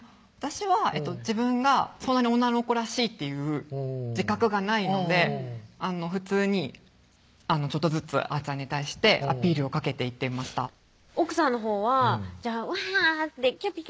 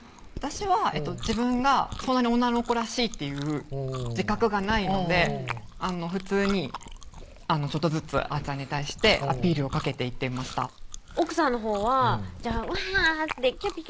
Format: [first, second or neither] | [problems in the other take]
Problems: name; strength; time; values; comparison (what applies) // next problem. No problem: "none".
first | background sound (Chewing, mastication); 11 dB below the speech